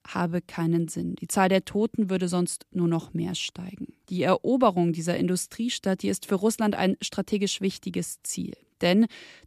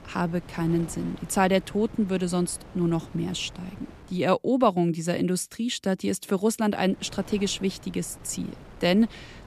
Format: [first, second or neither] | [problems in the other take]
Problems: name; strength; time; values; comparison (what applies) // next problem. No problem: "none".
first | wind noise on the microphone; occasional gusts; until 4 s and from 7 s on; 20 dB below the speech